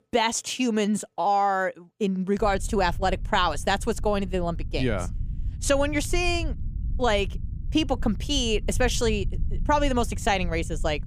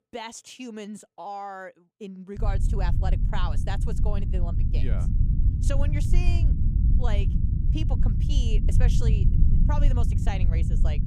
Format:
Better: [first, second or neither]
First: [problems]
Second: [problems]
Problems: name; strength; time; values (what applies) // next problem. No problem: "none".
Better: first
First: low rumble; faint; from 2.5 s on; 25 dB below the speech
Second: low rumble; loud; from 2.5 s on; 3 dB below the speech